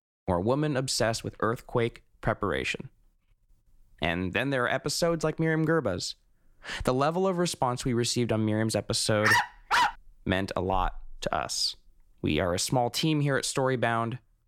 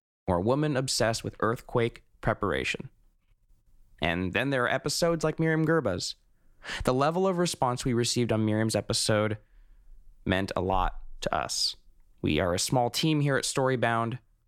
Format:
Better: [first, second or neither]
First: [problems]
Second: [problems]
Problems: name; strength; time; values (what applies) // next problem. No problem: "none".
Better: second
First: dog barking; loud; at 9 s; peak 4 dB above the speech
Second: none